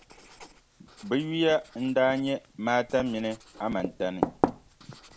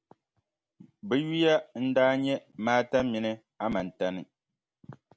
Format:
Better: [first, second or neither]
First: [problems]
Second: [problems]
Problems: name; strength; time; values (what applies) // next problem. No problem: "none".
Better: second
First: background sound (Writing); 7 dB below the speech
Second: none